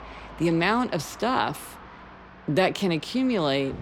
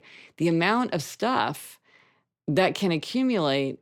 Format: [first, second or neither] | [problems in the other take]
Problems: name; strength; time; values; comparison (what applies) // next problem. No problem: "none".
second | traffic noise; noticeable; throughout; 20 dB below the speech